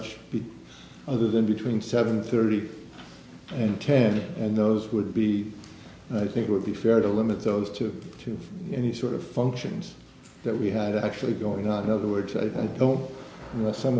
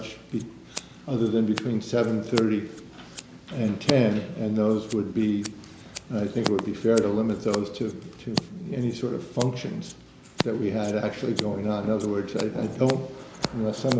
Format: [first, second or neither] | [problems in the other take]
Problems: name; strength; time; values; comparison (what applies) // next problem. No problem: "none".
first | background sound (Scissors); 11 dB below the speech